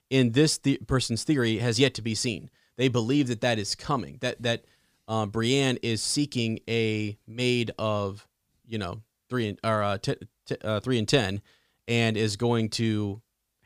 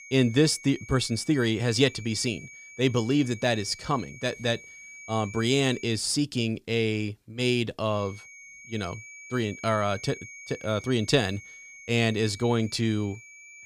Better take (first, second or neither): first